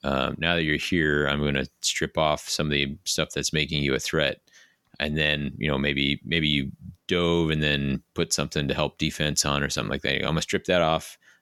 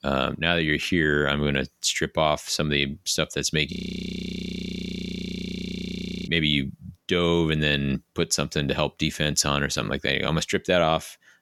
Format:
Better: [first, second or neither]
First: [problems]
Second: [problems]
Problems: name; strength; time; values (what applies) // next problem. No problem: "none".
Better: first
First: none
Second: audio freezing; at 3.5 s for 2.5 s